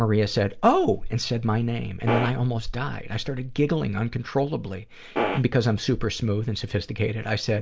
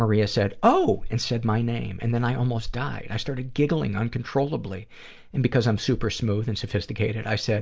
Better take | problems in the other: second | background sound (Fart); 1 dB below the speech

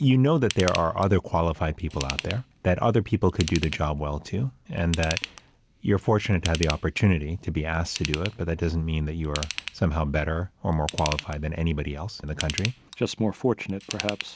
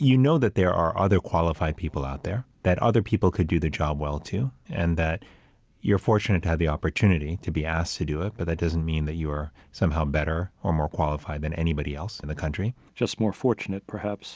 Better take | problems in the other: second | background sound (Ratchet, pawl / Tools); 13 dB below the speech

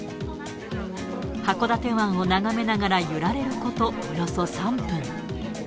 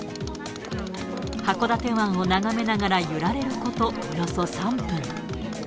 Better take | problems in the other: first | background sound (Mechanisms); 19 dB below the speech

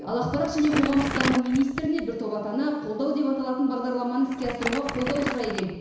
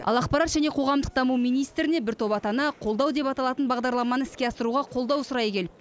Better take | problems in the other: second | background sound (Crumpling, crinkling); 8 dB below the speech // room echo; dies away in 1 s

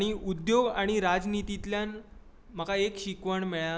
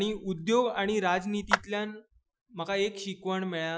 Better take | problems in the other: first | noise reduction (classical method Wiener filter)

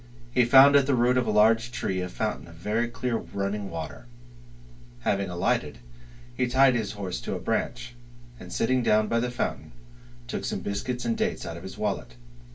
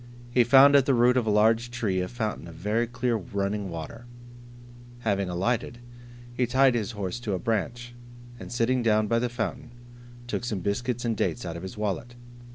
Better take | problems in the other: second | room echo; dies away in 0.2 s

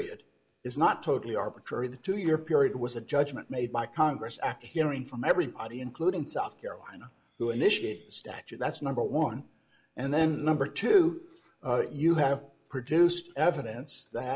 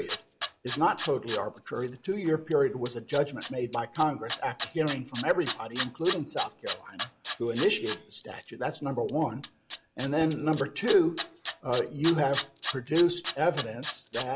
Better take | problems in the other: first | background sound (Tools); 10 dB below the speech

